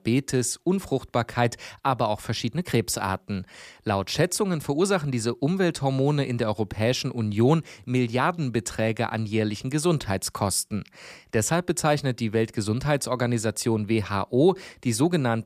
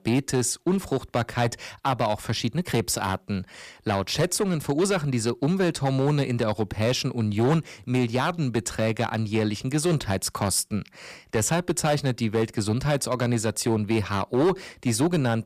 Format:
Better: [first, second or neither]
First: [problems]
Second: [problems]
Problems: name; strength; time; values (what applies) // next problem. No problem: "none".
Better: first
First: none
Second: distortion; slight; 5% of the sound clipped